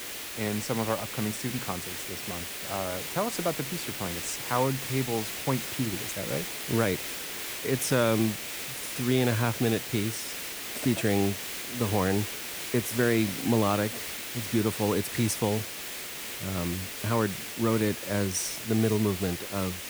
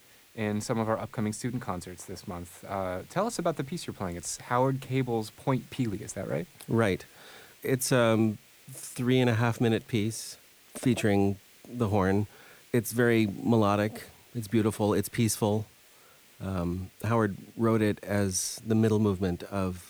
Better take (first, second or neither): second